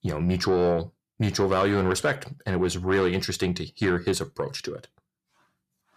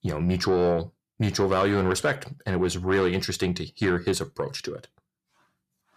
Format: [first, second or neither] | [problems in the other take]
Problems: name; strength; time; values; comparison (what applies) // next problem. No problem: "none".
neither | distortion; slight; 10 dB below the speech; the same in both